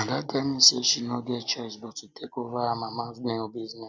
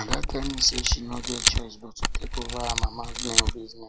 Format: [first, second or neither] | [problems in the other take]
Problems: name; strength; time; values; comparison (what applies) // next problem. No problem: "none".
first | background sound (Camera); 5 dB above the speech